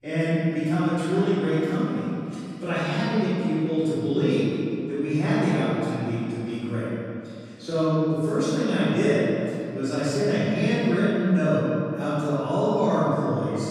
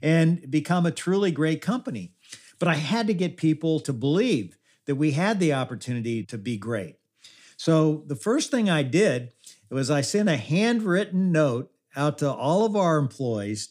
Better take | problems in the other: second | off-mic speech; far // room echo; strong; dies away in 2.6 s

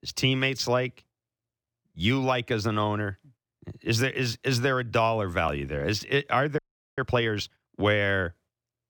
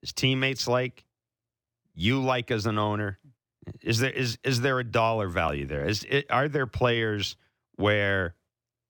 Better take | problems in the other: second | audio freezing; at 6.5 s

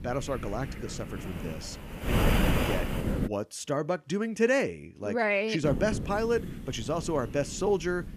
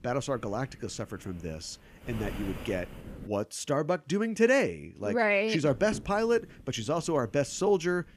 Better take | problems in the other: second | wind noise on the microphone; heavy; until 3.5 s and from 5.5 s on; 5 dB below the speech; occasional gusts in the second

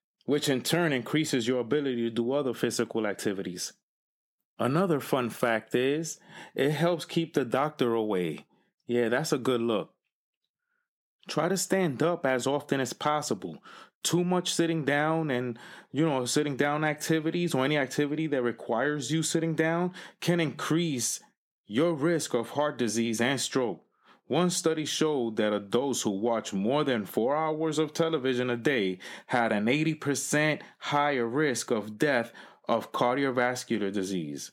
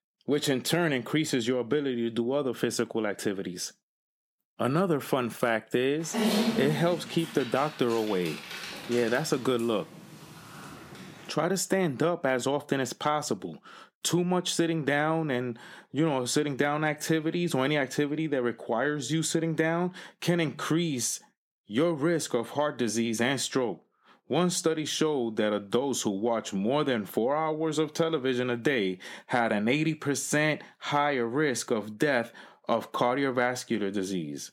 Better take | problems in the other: first | dog barking; loud; from 6 to 9 s; peak 3 dB above the speech

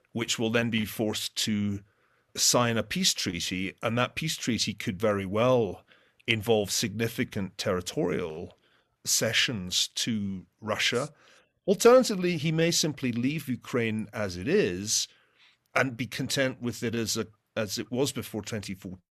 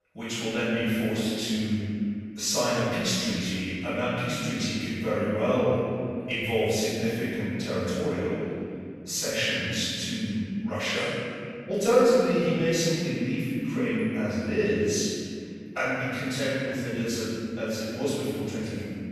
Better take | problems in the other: first | off-mic speech; far // room echo; strong; dies away in 2.3 s

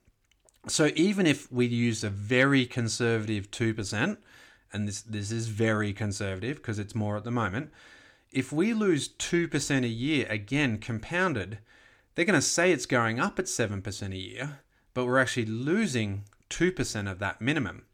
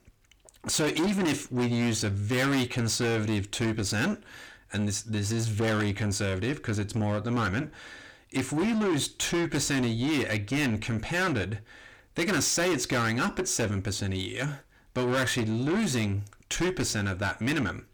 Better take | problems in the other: first | distortion; heavy; 6 dB below the speech

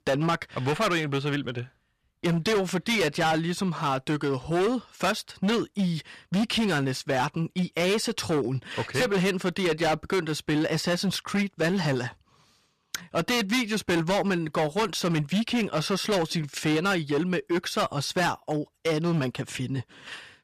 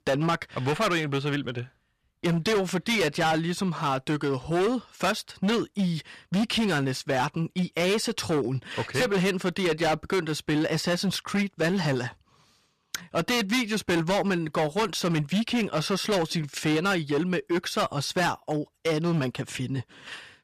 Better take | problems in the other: neither | distortion; heavy; 14% of the sound clipped; the same in both

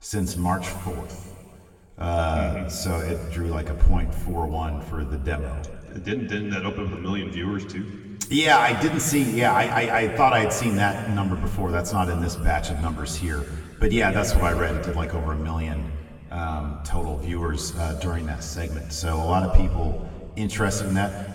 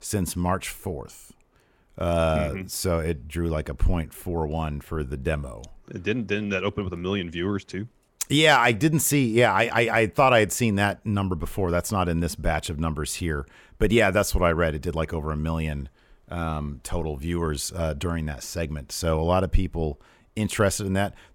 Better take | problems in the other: second | room echo; noticeable; dies away in 1.9 s // off-mic speech; far

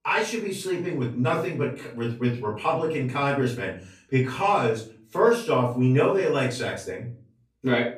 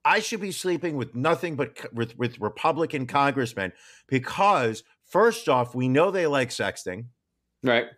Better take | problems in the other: second | off-mic speech; far // room echo; slight; dies away in 0.3 s

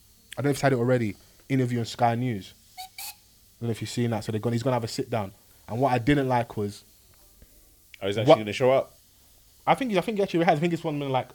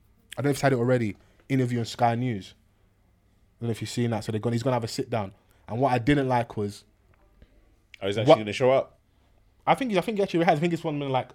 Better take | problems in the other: second | hiss; faint; throughout; 25 dB below the speech

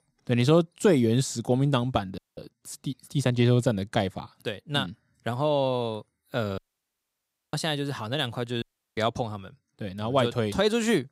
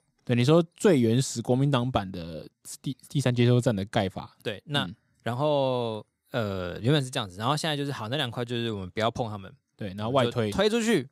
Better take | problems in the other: second | audio cutting out; at 2 s, at 6.5 s for 1 s and at 8.5 s

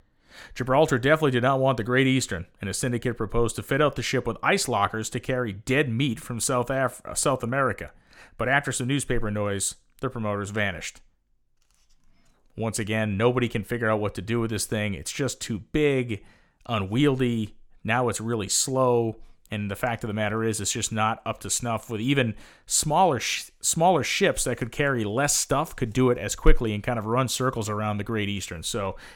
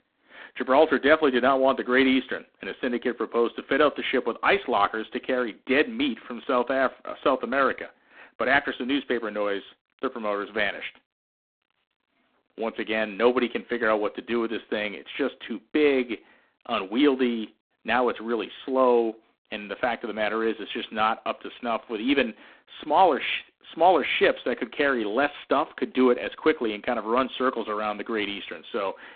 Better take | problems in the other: first | phone-call audio; poor line

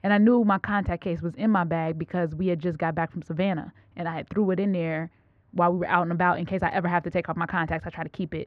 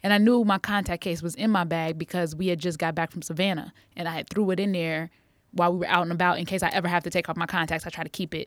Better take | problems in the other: second | muffled; very; fading above 1.5 kHz

